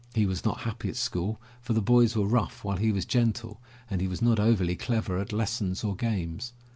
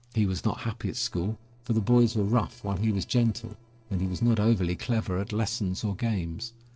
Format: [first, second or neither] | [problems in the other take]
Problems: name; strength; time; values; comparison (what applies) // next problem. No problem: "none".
first | noise reduction (neural separator model SepFormer DNS4)